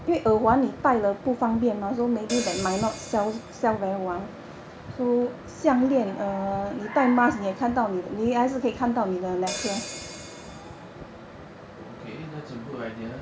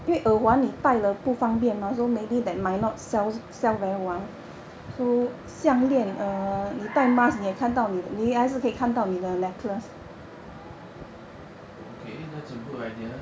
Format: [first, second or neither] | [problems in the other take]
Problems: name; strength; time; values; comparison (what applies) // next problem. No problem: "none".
second | background sound (Hi-hat); 12 dB below the speech